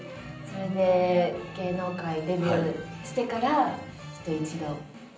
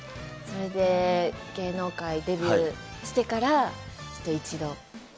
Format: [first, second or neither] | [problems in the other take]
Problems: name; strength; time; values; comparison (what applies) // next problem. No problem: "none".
second | room echo; dies away in 0.6 s